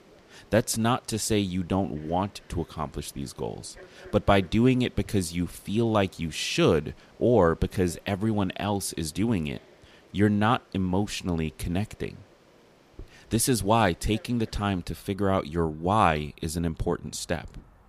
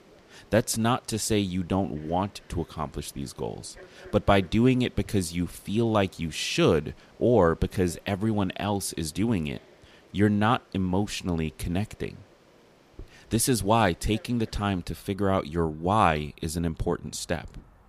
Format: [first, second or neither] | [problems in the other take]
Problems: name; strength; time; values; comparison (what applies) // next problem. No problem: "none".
neither | animal sounds; faint; throughout; 30 dB below the speech; the same in both